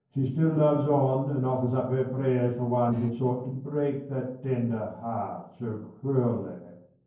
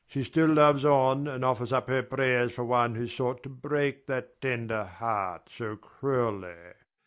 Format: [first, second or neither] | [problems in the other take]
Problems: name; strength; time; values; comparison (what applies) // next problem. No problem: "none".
second | noise reduction (neural separator model SepFormer DNS4)